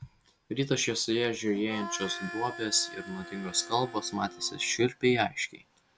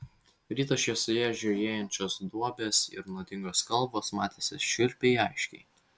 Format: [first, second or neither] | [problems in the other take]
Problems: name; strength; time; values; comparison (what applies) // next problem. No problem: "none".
second | background sound (Harmonica); 12 dB below the speech